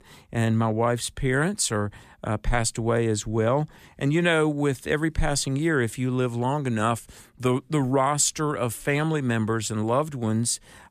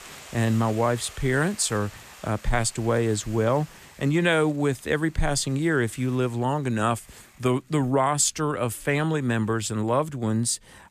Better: first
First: none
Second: hiss; faint; throughout; 20 dB below the speech

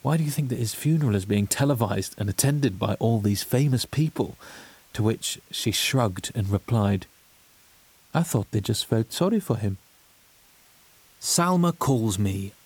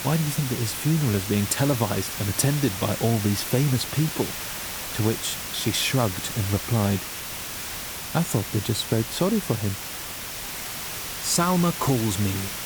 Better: first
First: hiss; faint; throughout; 30 dB below the speech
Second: hiss; loud; throughout; 5 dB below the speech

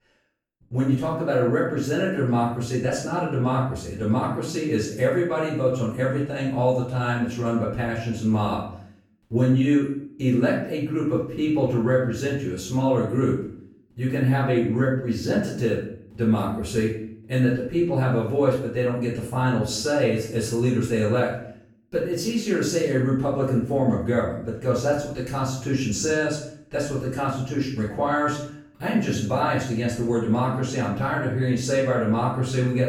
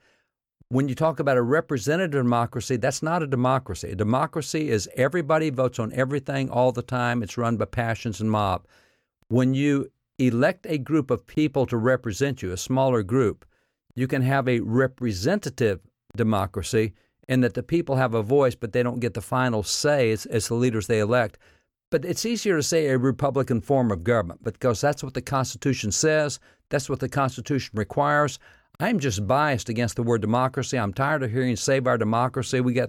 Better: second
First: off-mic speech; far // room echo; noticeable; dies away in 0.5 s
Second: none

